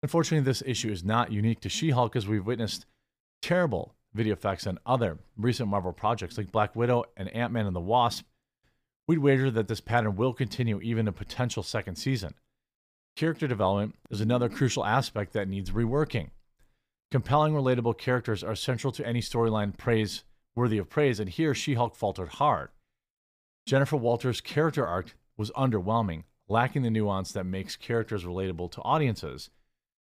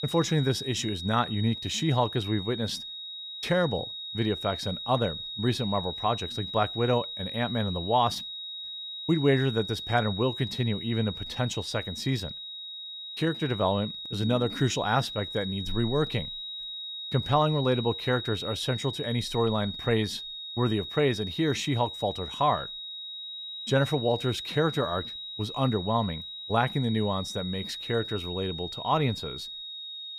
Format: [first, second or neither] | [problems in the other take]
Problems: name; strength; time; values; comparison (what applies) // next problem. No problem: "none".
first | high-pitched whine; loud; throughout; 4 kHz, 7 dB below the speech